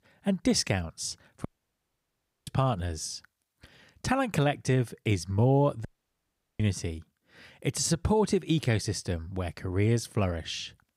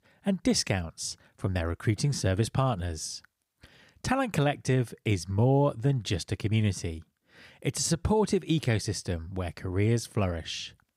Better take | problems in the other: second | audio cutting out; at 1.5 s for 1 s and at 6 s for 1 s

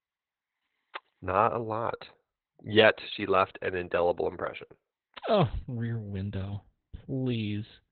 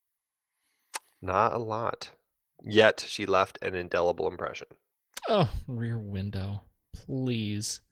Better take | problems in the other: second | garbled, watery; badly; nothing above 4 kHz; slightly in the second

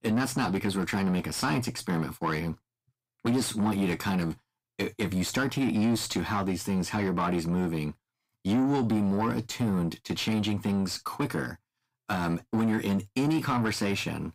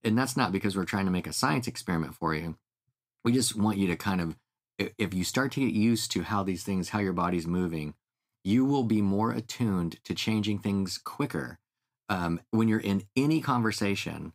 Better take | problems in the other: second | distortion; slight; 10 dB below the speech

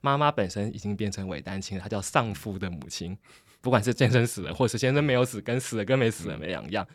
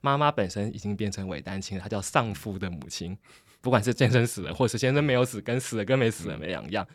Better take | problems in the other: neither | none

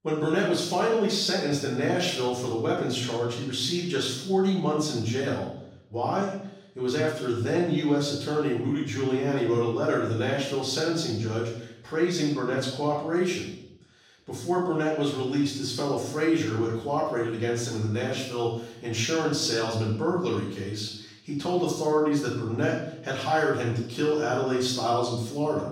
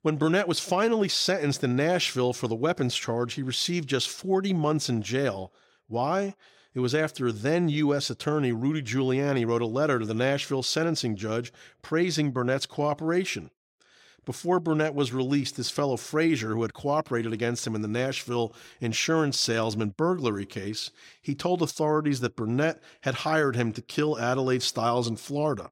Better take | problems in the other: second | room echo; noticeable; dies away in 0.7 s // off-mic speech; far

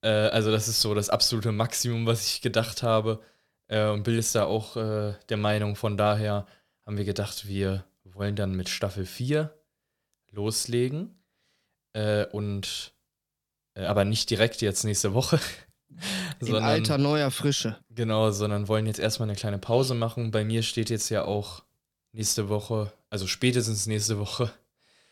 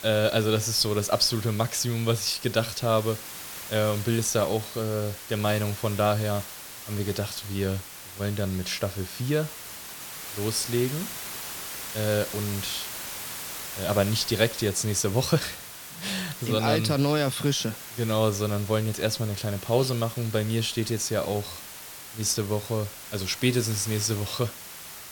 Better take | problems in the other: first | hiss; noticeable; throughout; 10 dB below the speech

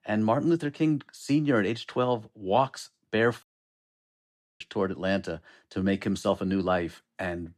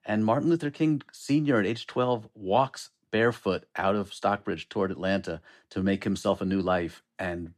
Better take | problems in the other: second | audio cutting out; at 3.5 s for 1 s

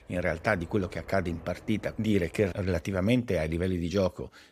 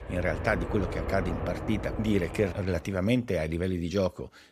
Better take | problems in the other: first | train or aircraft noise; loud; until 2.5 s; 7 dB below the speech; faint in the first

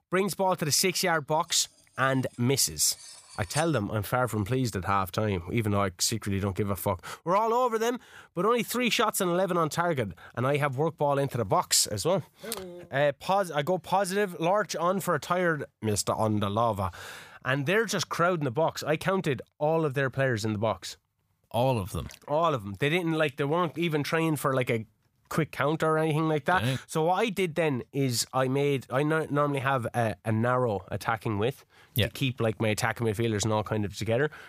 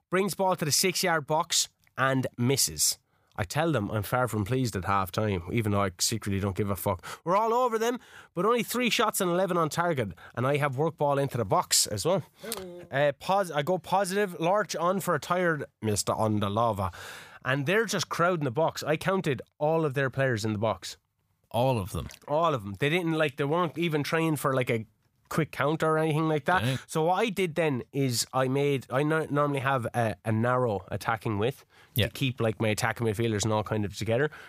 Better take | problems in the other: second | clattering dishes; noticeable; at 3 s; peak 10 dB below the speech

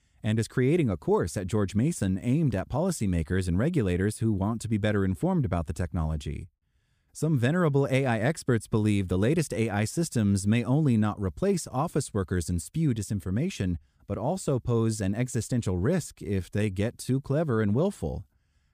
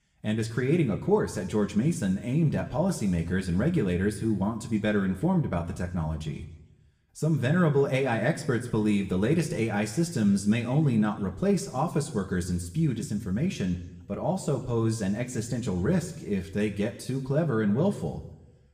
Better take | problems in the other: first | room echo; very slight; dies away in 0.8 s // off-mic speech; somewhat distant

